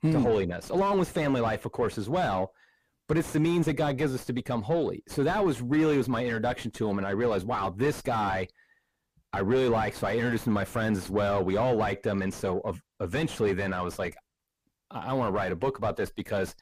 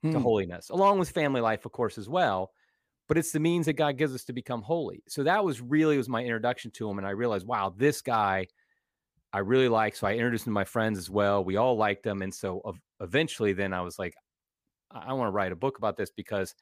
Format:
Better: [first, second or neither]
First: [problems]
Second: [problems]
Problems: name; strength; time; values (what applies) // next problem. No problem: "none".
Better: second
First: distortion; heavy; 5 dB below the speech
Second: none